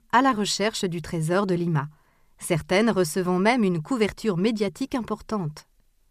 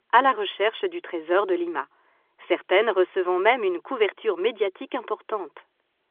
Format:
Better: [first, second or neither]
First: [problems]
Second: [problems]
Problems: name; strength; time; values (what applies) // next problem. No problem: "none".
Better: first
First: none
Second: phone-call audio; nothing above 3.5 kHz